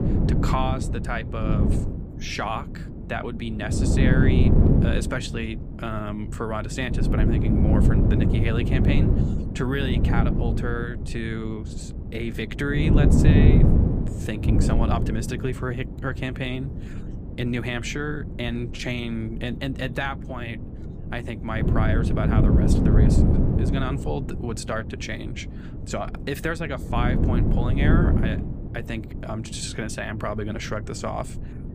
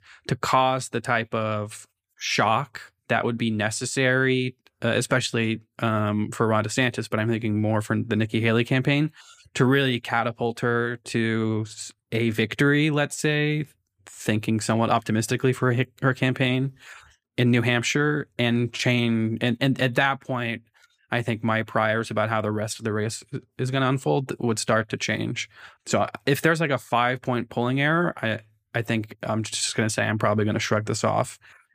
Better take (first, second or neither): second